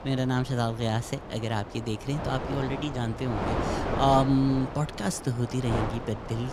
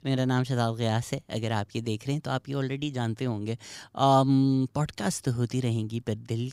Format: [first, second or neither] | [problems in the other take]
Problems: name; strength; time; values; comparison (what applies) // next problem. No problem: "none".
second | wind noise on the microphone; heavy; 5 dB below the speech